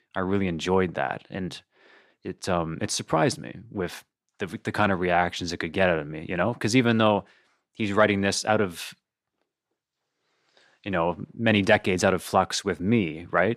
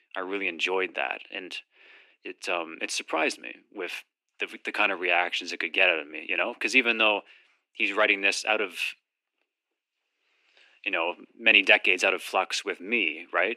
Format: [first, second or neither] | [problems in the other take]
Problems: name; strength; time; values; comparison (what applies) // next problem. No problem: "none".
first | thin; somewhat; fading below 250 Hz